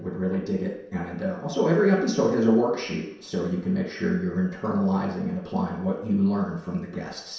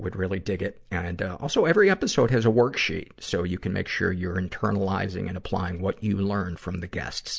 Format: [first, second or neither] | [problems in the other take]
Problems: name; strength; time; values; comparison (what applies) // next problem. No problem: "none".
second | room echo; dies away in 0.7 s